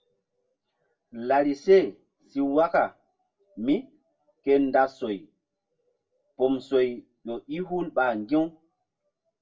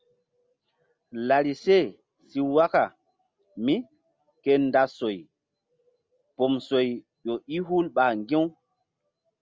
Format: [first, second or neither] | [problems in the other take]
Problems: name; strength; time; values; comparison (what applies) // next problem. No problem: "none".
second | room echo; dies away in 0.2 s